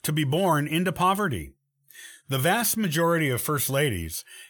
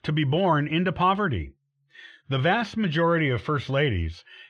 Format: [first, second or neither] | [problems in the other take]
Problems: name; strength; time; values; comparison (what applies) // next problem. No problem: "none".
first | muffled; slightly; fading above 3.5 kHz